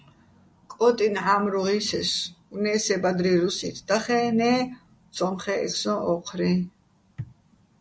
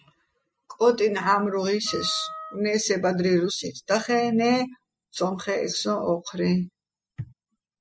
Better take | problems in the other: first | noise reduction (classical method spectral subtraction)

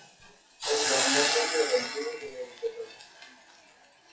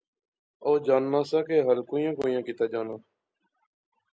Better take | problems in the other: second | noise reduction (classical method WPE with log-MMSE)

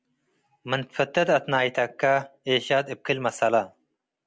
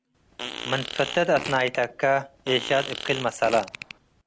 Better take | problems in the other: first | background sound (Fart); 10 dB below the speech

